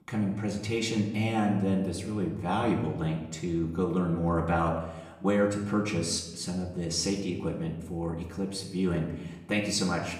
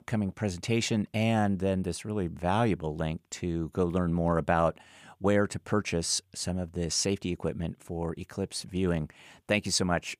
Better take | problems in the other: second | room echo; slight; dies away in 0.8 s // off-mic speech; far

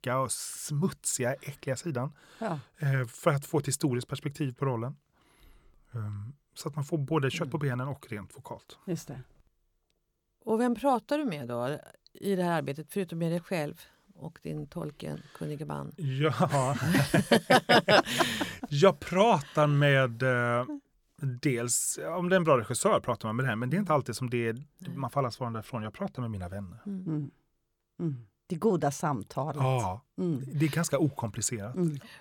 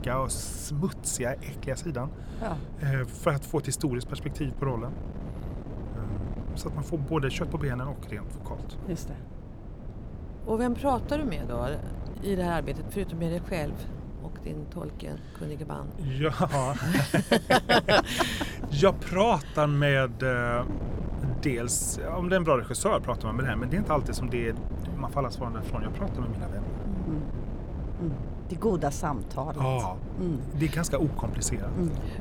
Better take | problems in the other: first | wind noise on the microphone; occasional gusts; 15 dB below the speech

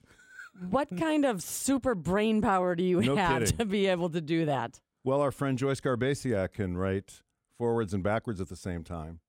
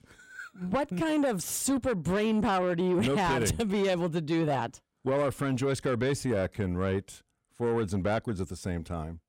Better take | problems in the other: first | distortion; slight; 10 dB below the speech

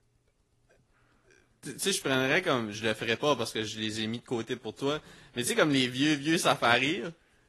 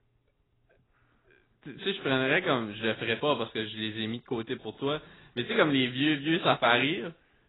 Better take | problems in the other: first | garbled, watery; badly; nothing above 4 kHz; slightly in the first

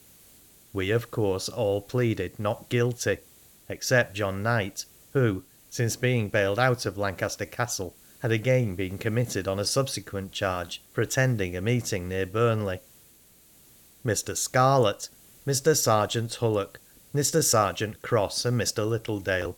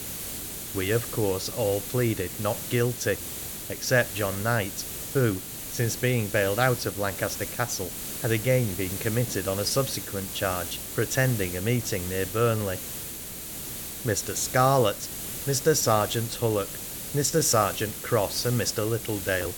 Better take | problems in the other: first | hiss; loud; throughout; 7 dB below the speech; faint in the first

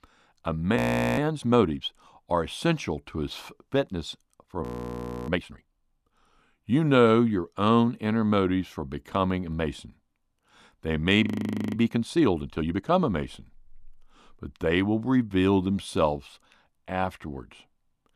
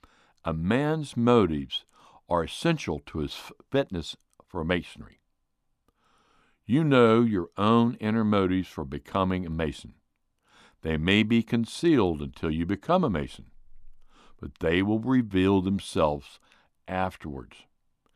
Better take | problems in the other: second | audio freezing; at 1 s, at 4.5 s for 0.5 s and at 11 s

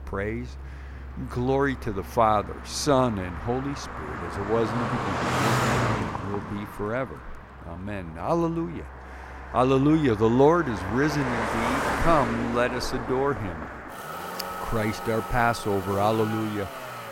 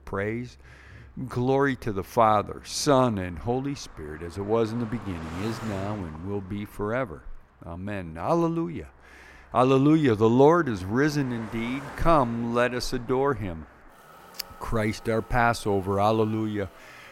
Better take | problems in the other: second | traffic noise; loud; throughout; 6 dB below the speech; faint in the second

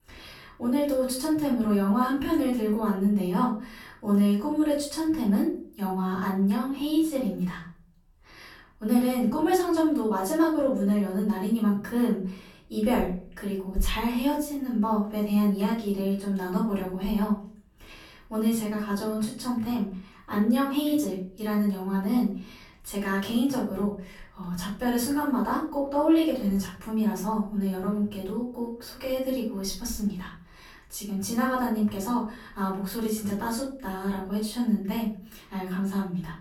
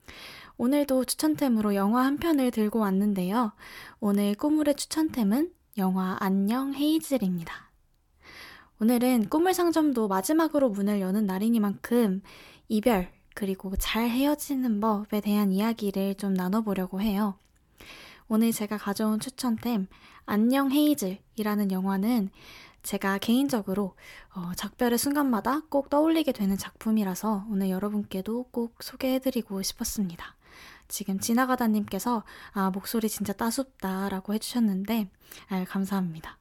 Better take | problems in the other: second | room echo; noticeable; dies away in 0.5 s // off-mic speech; far

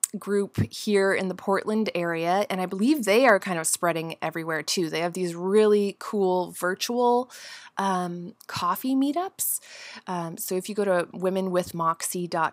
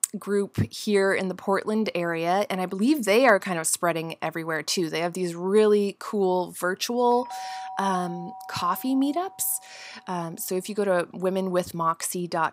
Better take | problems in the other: first | doorbell; faint; from 7 to 10 s; peak 10 dB below the speech

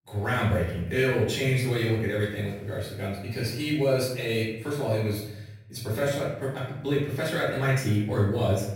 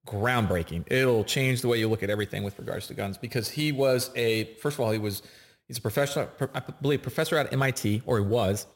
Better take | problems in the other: second | off-mic speech; far // room echo; noticeable; dies away in 0.8 s

